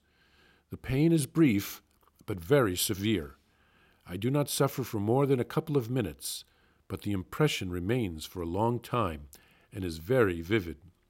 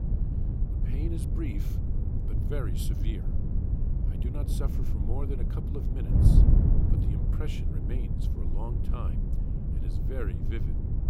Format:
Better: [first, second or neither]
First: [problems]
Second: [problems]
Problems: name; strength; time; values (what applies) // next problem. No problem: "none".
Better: first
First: none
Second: wind noise on the microphone; heavy; 1 dB above the speech